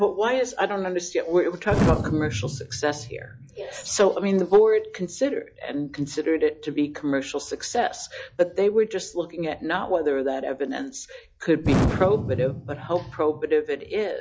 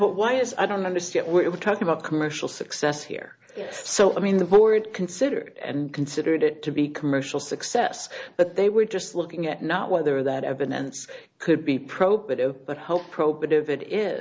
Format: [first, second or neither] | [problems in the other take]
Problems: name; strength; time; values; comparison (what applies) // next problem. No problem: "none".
second | noise reduction (classical method log-MMSE)